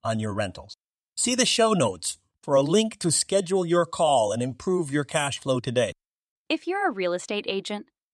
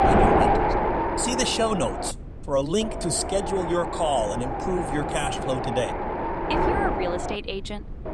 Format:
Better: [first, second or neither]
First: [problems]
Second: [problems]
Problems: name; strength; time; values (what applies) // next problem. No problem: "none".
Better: first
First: none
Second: wind noise on the microphone; heavy; 2 dB above the speech